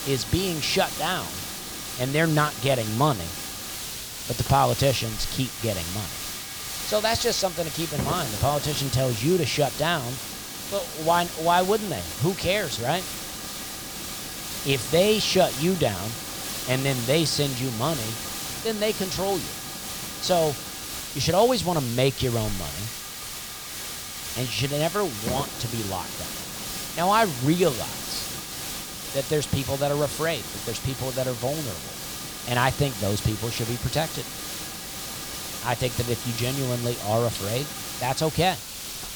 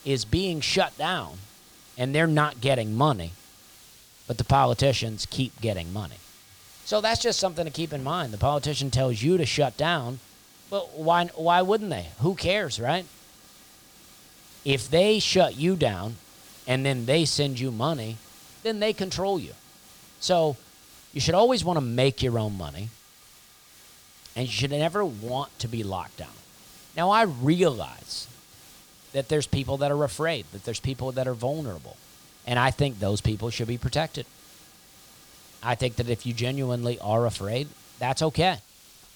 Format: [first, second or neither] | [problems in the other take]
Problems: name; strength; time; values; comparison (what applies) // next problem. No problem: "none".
second | hiss; loud; throughout; 6 dB below the speech; faint in the second